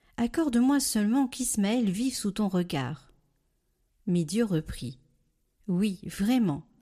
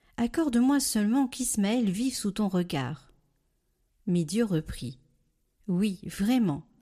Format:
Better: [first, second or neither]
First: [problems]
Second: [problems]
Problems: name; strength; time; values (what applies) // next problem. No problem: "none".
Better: neither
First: none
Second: none